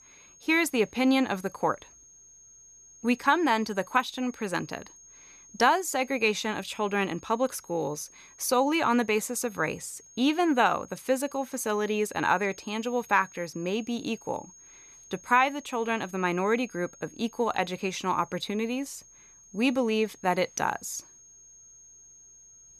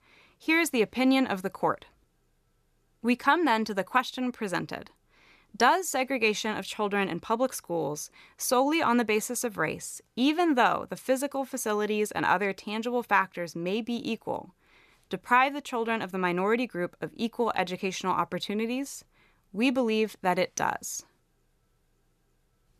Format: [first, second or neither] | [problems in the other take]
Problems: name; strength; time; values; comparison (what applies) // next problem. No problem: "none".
second | high-pitched whine; faint; throughout; 6.5 kHz, 25 dB below the speech